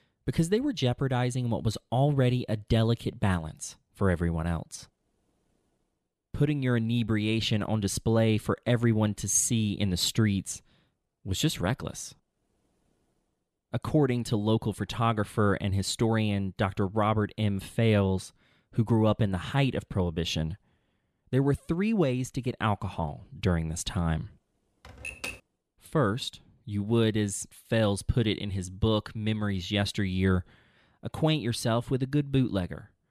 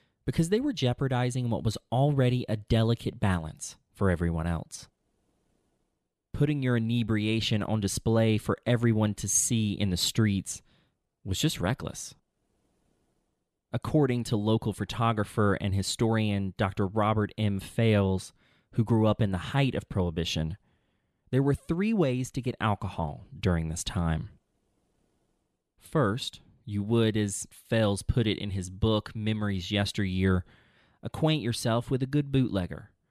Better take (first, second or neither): second